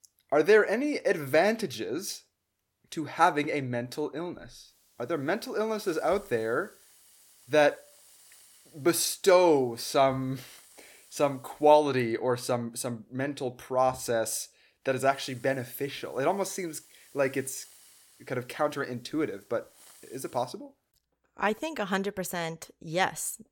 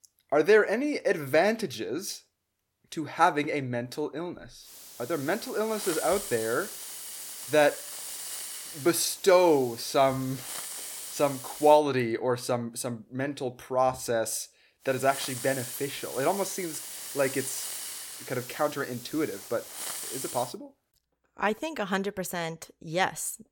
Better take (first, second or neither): first